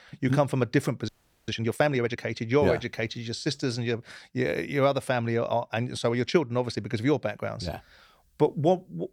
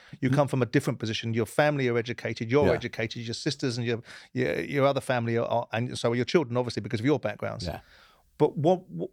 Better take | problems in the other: second | audio freezing; at 1 s

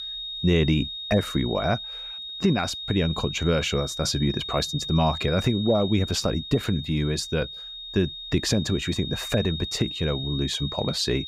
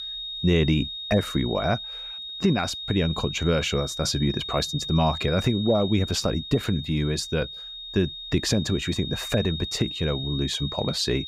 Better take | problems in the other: neither | high-pitched whine; loud; throughout; 3.5 kHz, 7 dB below the speech; the same in both

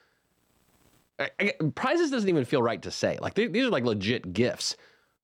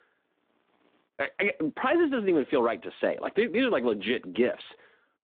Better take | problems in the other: first | phone-call audio; nothing above 3.5 kHz

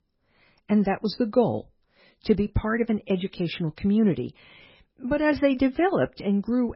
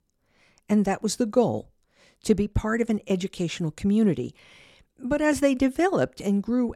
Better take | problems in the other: second | garbled, watery; badly; nothing above 5.5 kHz

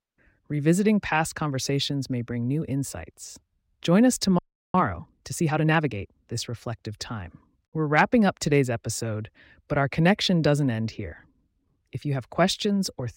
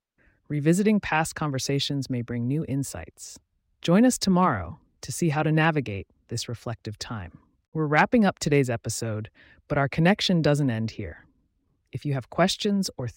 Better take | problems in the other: second | audio freezing; at 4.5 s

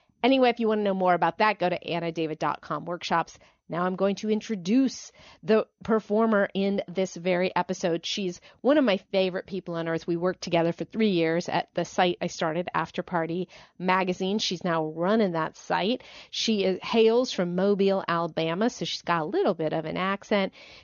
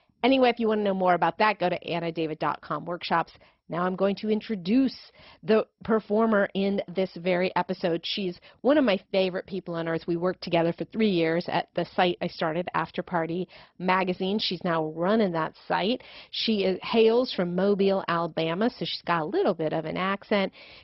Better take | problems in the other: first | garbled, watery; badly; nothing above 5.5 kHz; slightly in the first

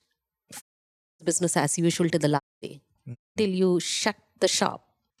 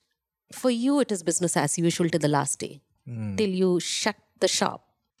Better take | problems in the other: second | audio cutting out; at 0.5 s for 0.5 s, at 2.5 s and at 3 s

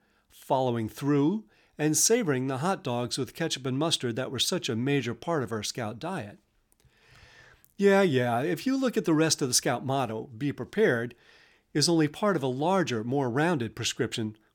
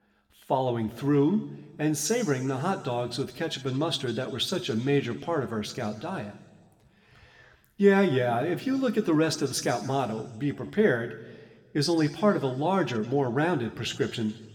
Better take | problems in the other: first | room echo; slight; dies away in 1.3 s

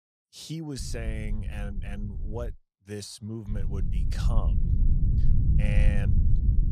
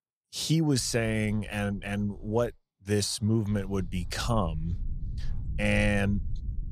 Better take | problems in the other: second | low rumble; loud; from 1 to 2.5 s and from 3.5 s on; 3 dB below the speech; faint in the second

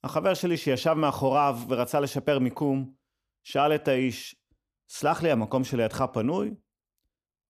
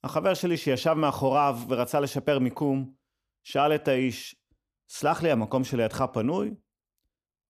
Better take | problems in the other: neither | none

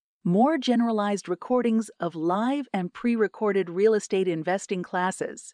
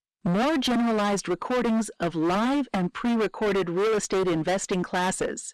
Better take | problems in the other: first | distortion; heavy; 33% of the sound clipped

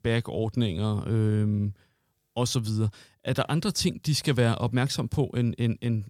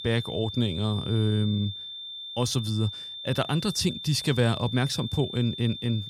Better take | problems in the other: first | high-pitched whine; loud; throughout; 3.5 kHz, 9 dB below the speech

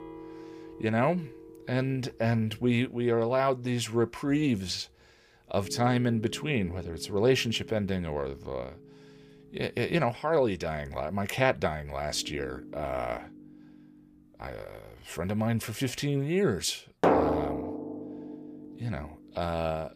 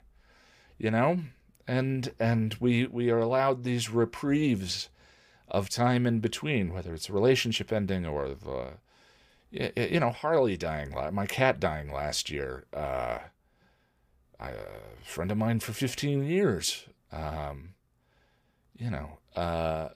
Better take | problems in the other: second | background music; loud; throughout; 6 dB below the speech

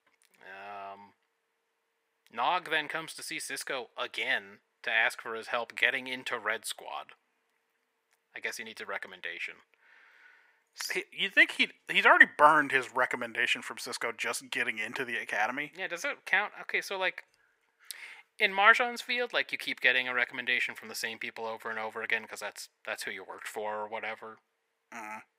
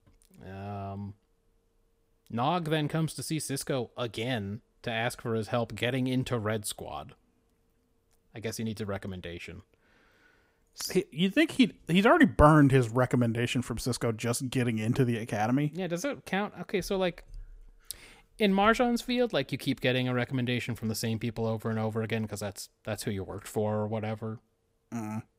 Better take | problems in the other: second | thin; very; fading below 500 Hz

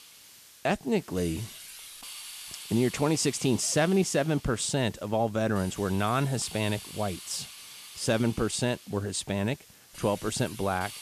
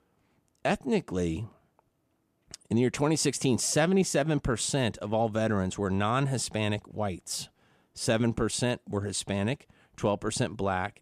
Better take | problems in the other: second | hiss; noticeable; throughout; 15 dB below the speech

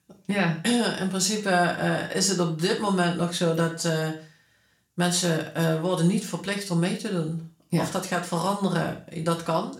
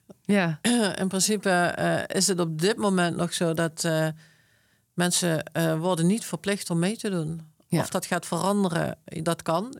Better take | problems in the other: second | room echo; slight; dies away in 0.4 s // off-mic speech; somewhat distant

